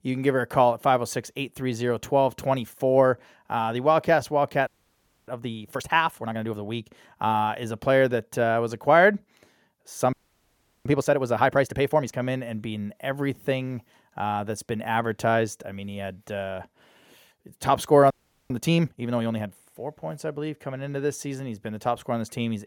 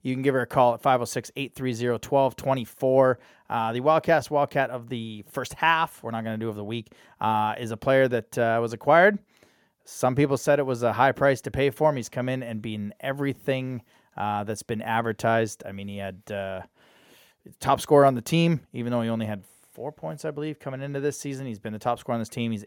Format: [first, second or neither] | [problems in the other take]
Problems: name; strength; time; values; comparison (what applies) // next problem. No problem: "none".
second | audio freezing; at 4.5 s for 0.5 s, at 10 s for 0.5 s and at 18 s